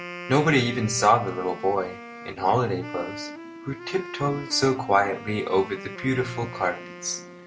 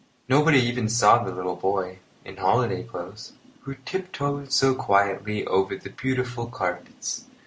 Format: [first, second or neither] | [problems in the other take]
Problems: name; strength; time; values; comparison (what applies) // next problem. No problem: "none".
second | background sound (Wind instrument, woodwind instrument); 13 dB below the speech